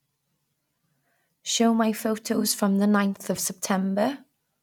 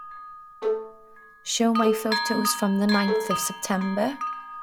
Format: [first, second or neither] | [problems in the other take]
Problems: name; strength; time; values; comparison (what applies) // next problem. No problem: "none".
first | background sound (Bowed string instrument + Bell); 3 dB below the speech